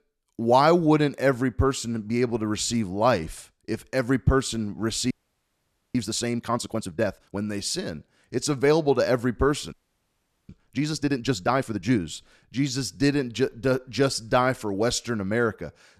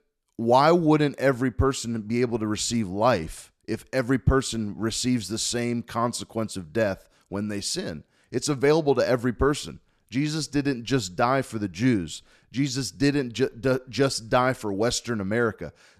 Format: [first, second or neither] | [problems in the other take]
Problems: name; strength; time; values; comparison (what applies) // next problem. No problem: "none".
second | audio freezing; at 5 s for 1 s and at 9.5 s for 1 s